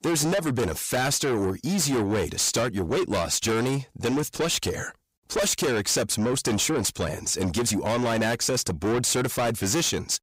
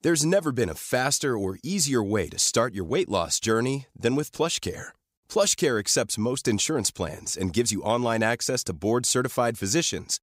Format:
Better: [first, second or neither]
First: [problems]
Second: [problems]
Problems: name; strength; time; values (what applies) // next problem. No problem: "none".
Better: second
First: distortion; heavy; 6 dB below the speech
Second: none